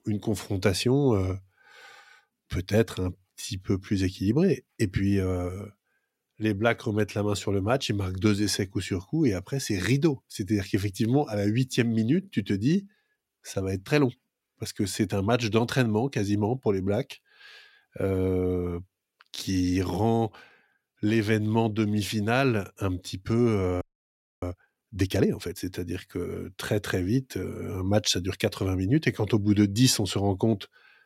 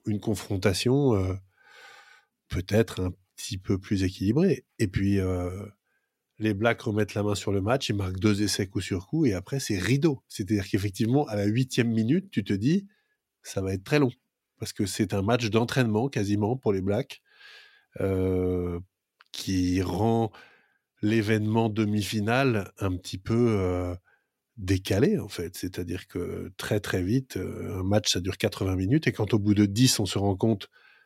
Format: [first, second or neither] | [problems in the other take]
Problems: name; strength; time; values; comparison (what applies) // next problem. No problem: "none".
second | audio freezing; at 24 s for 0.5 s